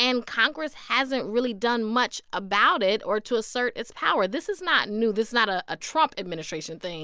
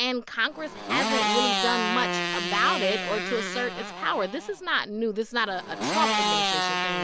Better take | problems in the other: first | background sound (Motorcycle); as loud as the speech

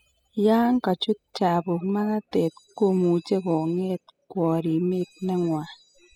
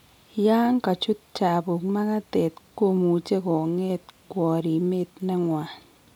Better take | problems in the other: second | noise reduction (classical method spectral subtraction)

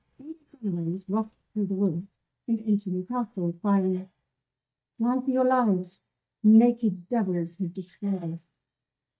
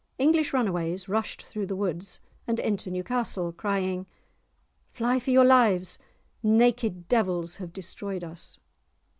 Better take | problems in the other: second | noise reduction (neural mask model DeepFilterNet 3)

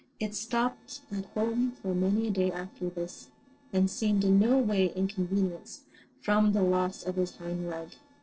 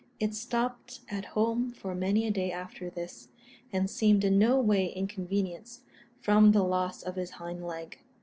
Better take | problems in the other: second | noise reduction (neural separator model SepFormer DNS4)

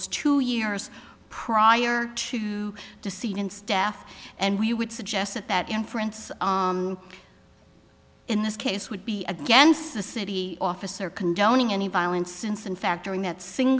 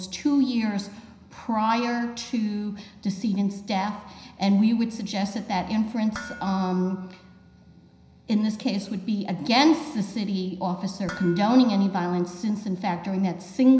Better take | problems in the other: first | background sound (Dishes, pots, and pans); 19 dB below the speech // room echo; dies away in 0.9 s

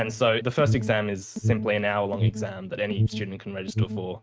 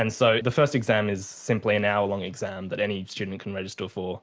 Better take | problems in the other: second | noise reduction (neural mask model RNNoise)

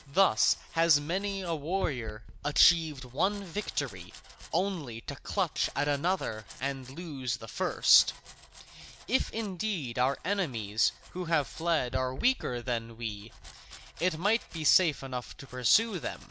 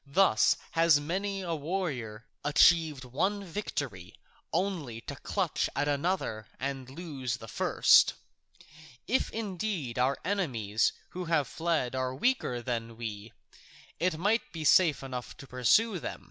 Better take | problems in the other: second | background sound (Domestic sounds, home sounds); 15 dB below the speech

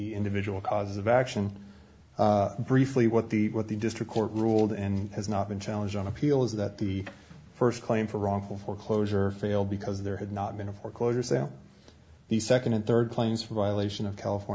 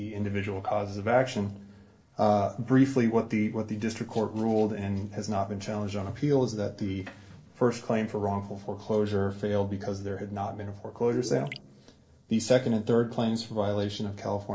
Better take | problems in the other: first | noise reduction (neural separator model SepFormer DNS4)

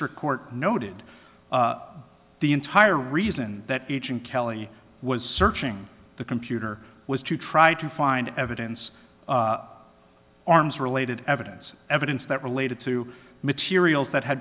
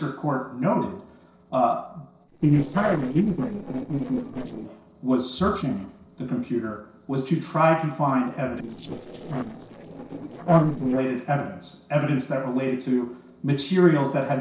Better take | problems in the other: first | noise reduction (neural separator model SepFormer DNS4)

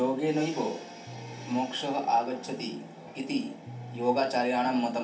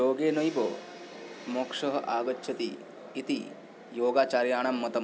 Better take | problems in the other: second | background sound (Electric guitar); 19 dB below the speech // room echo; dies away in 0.3 s

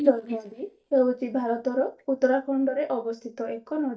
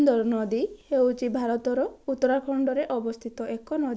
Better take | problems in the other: second | noise reduction (neural mask model DeepFilterNet 3)

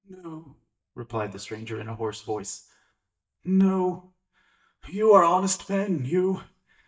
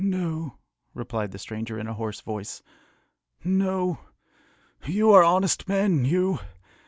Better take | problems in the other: second | noise reduction (neural mask model DeepFilterNet 3)

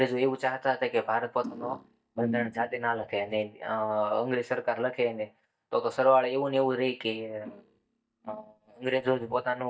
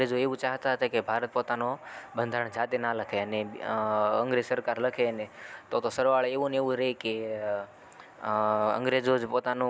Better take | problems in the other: second | noise reduction (neural mask model DeepFilterNet 3)

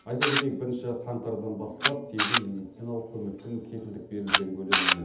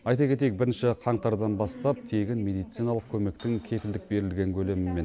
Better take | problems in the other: second | background sound (Camera); 2 dB above the speech // room echo; dies away in 0.8 s

